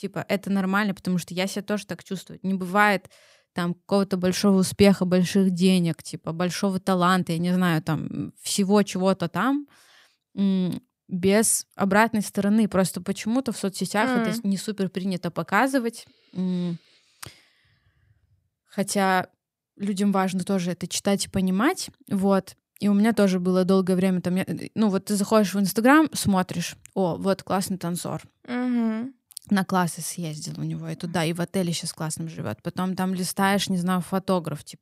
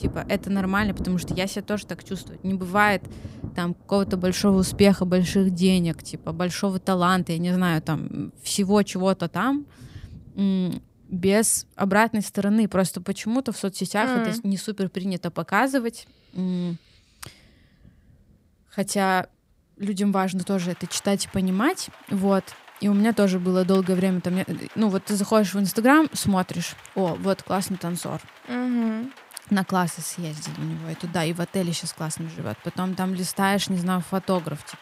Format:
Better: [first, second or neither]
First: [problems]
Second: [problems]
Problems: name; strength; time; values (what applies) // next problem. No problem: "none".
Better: first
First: none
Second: rain or running water; noticeable; throughout; 20 dB below the speech